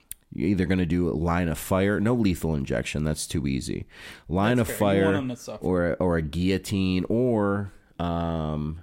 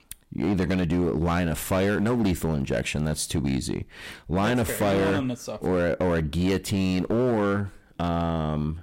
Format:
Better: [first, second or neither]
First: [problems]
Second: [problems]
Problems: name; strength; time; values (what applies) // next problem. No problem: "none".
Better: first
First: none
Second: distortion; slight; 13% of the sound clipped